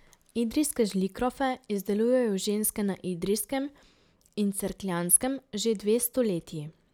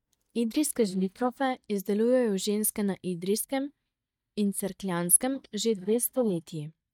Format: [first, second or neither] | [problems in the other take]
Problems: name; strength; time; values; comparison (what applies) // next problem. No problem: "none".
first | noise reduction (neural mask model DeepFilterNet 3)